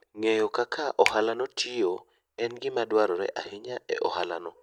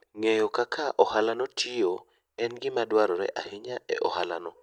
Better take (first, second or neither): second